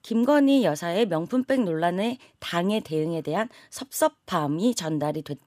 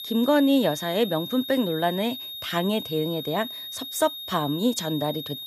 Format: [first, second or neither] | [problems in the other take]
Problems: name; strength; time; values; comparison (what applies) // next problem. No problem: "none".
first | high-pitched whine; loud; throughout; 3.5 kHz, 8 dB below the speech